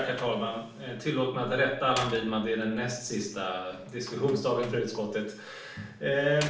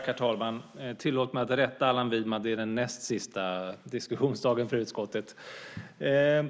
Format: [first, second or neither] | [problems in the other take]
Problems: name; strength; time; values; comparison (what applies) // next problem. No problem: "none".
second | background sound (Slam); 17 dB below the speech // room echo; dies away in 0.5 s